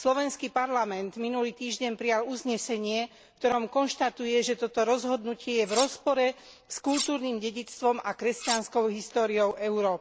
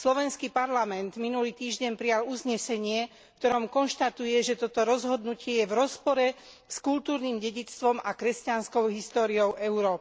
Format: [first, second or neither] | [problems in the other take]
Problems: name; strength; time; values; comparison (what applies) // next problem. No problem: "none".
second | background sound (Cutlery, silverware); 8 dB below the speech